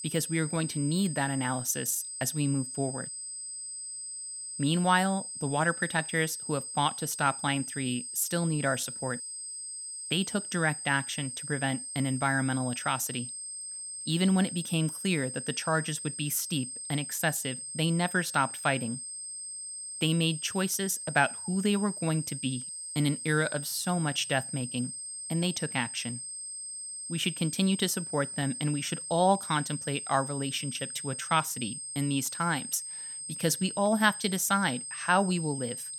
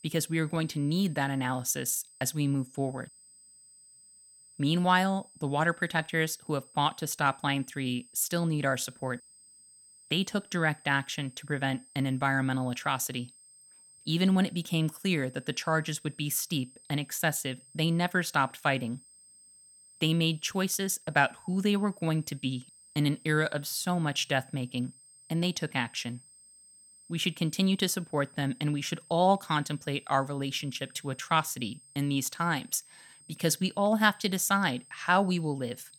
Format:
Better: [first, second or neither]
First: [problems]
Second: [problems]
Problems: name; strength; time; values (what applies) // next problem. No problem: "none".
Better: second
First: high-pitched whine; loud; throughout; 8.5 kHz, 7 dB below the speech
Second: high-pitched whine; faint; throughout; 8.5 kHz, 25 dB below the speech